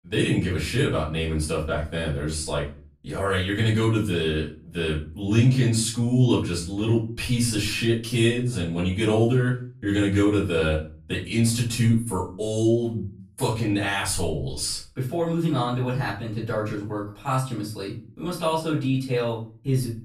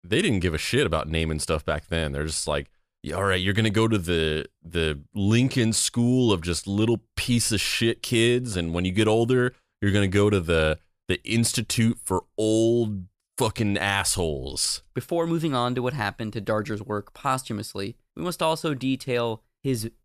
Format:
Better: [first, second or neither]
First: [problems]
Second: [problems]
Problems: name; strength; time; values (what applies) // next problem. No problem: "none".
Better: second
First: room echo; slight; dies away in 0.4 s // off-mic speech; far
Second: none